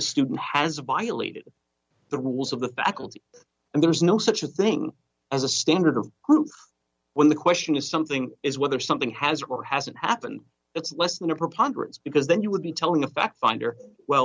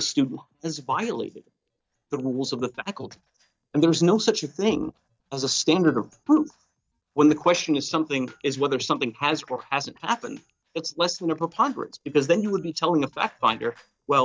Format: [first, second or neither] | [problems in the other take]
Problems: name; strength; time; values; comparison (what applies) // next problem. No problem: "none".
first | noise reduction (neural mask model DeepFilterNet 3)